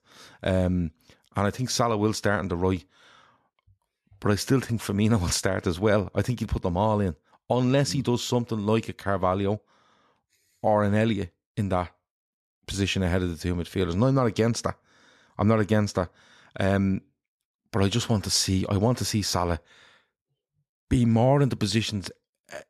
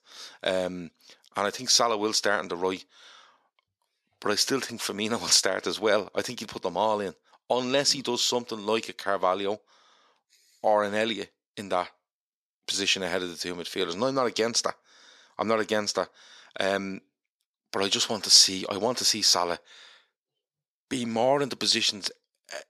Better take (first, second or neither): first